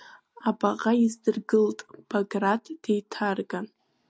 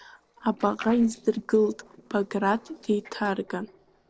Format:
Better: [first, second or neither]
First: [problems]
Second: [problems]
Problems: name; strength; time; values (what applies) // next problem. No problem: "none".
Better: first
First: none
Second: noise reduction (neural separator model SepFormer DNS4)